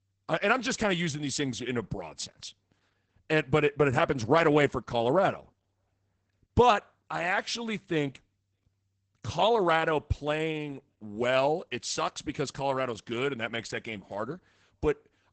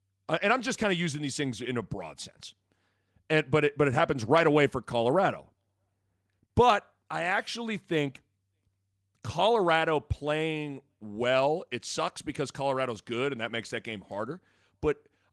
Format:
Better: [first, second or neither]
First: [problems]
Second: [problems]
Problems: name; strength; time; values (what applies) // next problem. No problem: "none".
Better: second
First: garbled, watery; badly; nothing above 8 kHz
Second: garbled, watery; slightly